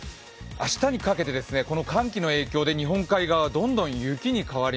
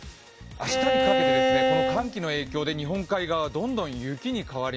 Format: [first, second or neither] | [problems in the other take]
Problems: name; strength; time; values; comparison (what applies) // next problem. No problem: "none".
first | background sound (Bowed string instrument); 5 dB above the speech